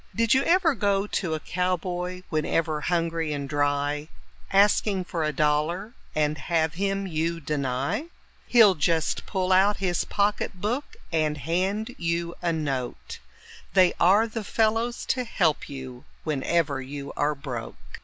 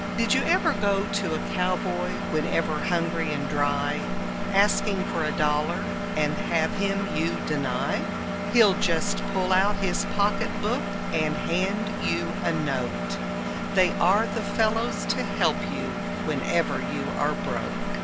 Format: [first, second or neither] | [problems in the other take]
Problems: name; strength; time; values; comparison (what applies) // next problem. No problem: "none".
first | background sound (Engine); 2 dB below the speech